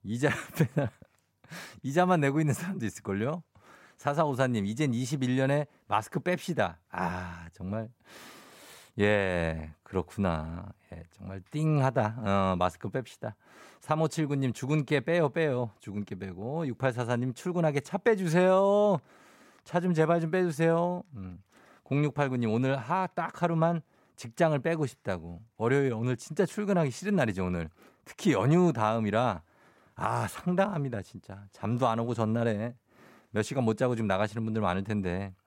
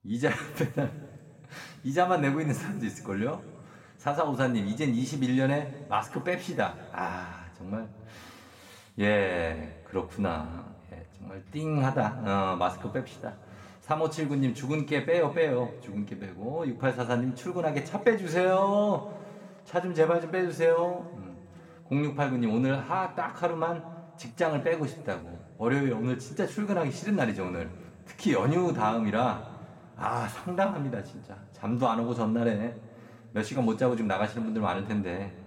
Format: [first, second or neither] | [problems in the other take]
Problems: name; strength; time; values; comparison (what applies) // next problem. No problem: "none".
first | room echo; slight; dies away in 2.5 s // off-mic speech; somewhat distant